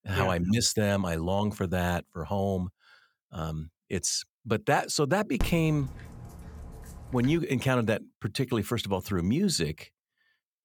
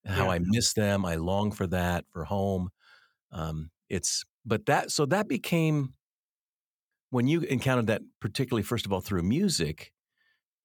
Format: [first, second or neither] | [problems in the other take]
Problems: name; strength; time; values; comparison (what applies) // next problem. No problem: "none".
second | dog barking; noticeable; from 5.5 to 7.5 s; peak 8 dB below the speech